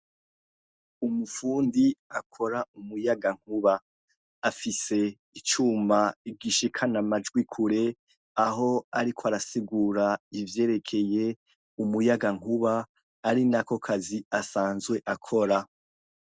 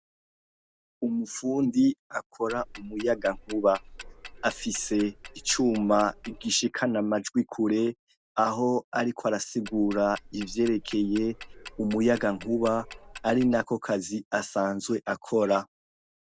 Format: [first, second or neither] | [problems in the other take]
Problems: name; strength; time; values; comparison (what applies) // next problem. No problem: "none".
first | background sound (Tick-tock); 17 dB below the speech